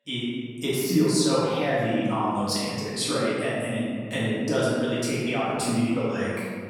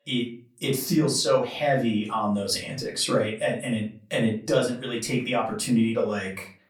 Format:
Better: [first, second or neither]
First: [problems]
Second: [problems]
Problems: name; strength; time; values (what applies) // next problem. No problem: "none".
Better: second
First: room echo; strong; dies away in 1.8 s // off-mic speech; far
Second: room echo; slight; dies away in 0.3 s // off-mic speech; far